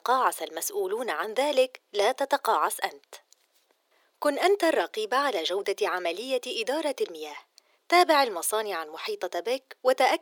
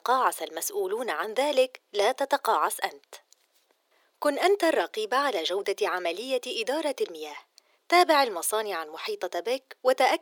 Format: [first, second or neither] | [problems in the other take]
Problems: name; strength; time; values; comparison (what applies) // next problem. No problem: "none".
neither | thin; very; fading below 350 Hz; the same in both